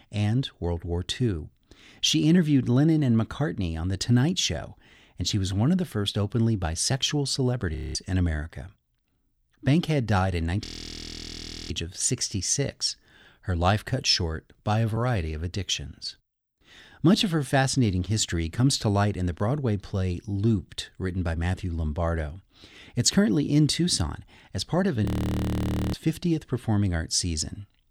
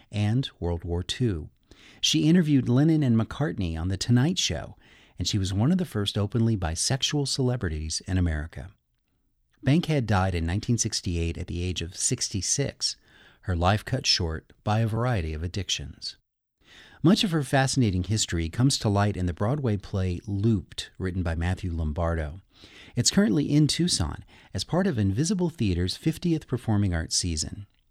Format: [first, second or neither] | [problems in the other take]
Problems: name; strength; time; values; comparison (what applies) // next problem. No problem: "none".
second | audio freezing; at 8 s, at 11 s for 1 s and at 25 s for 1 s